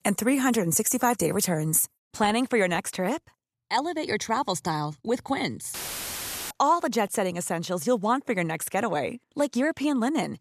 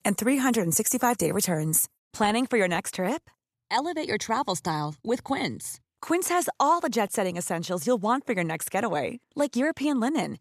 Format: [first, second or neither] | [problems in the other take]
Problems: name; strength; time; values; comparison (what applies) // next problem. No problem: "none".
second | audio cutting out; filled with static; at 5.5 s for 1 s